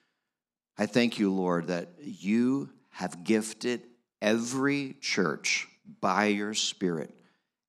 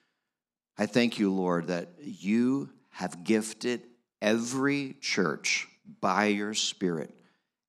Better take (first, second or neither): neither